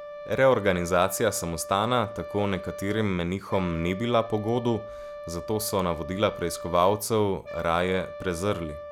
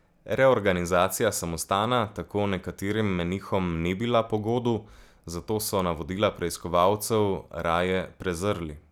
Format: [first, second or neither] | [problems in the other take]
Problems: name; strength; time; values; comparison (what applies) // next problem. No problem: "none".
second | background sound (Brass instrument); 13 dB below the speech